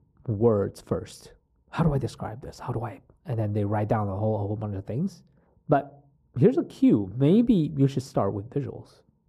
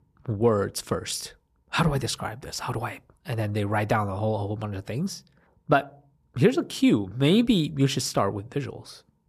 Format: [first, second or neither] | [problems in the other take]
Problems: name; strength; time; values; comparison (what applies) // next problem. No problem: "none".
second | muffled; slightly; fading above 1 kHz